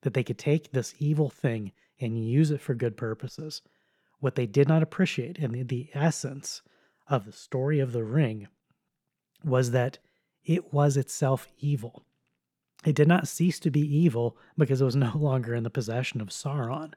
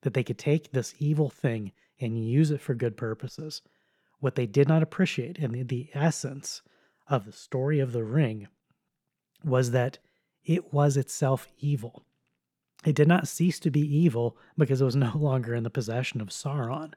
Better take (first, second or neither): neither